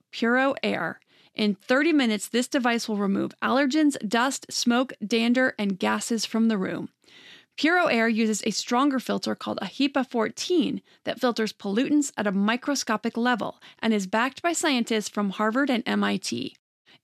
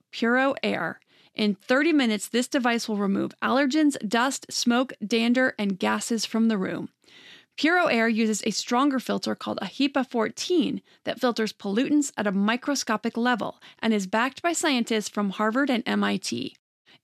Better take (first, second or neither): neither